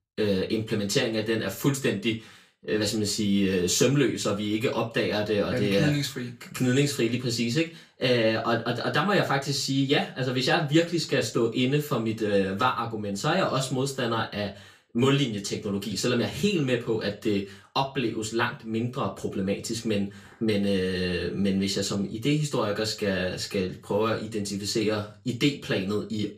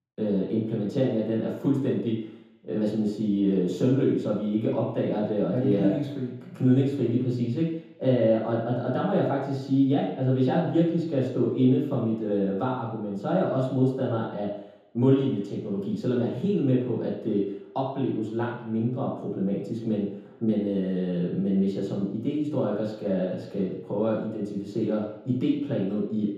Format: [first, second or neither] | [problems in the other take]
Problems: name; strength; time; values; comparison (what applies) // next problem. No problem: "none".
first | room echo; strong; dies away in 0.8 s; slight in the first // off-mic speech; far; far in the first